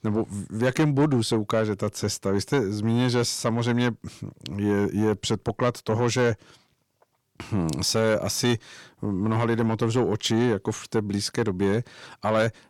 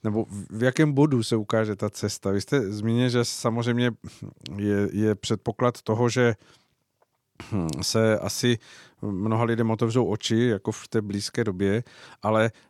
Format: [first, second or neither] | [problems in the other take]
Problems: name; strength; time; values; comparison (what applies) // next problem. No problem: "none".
second | distortion; slight; 10 dB below the speech